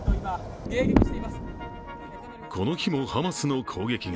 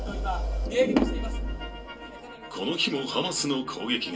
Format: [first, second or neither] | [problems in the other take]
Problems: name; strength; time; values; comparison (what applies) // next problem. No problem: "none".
first | room echo; dies away in 0.2 s